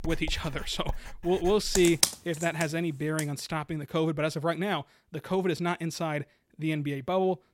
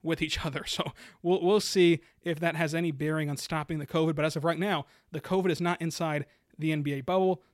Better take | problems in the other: second | household noises; loud; until 3 s; 3 dB below the speech

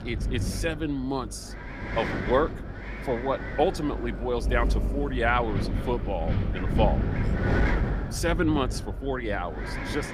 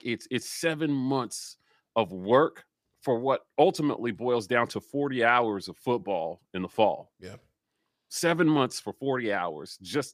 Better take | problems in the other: second | wind noise on the microphone; heavy; 7 dB below the speech

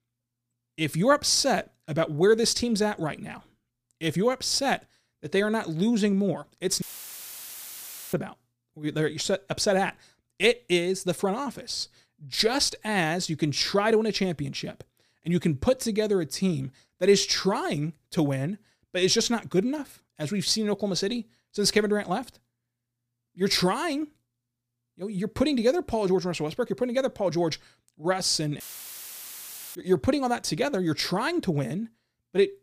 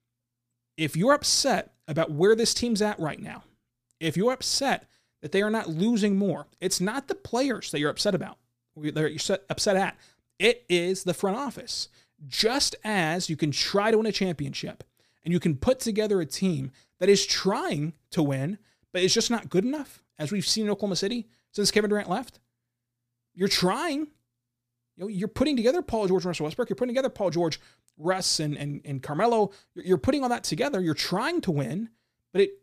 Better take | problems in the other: second | audio cutting out; filled with static; at 7 s for 1.5 s and at 29 s for 1 s

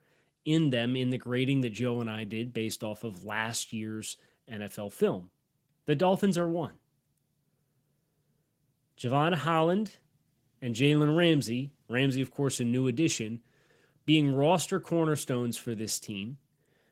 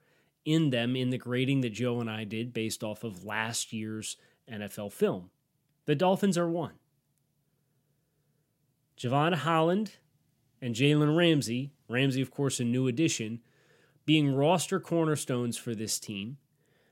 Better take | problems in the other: second | garbled, watery; slightly; nothing above 16 kHz

